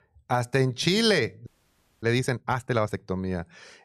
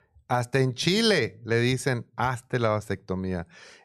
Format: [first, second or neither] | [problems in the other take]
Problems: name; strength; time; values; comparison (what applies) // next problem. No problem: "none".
second | audio freezing; at 1.5 s for 0.5 s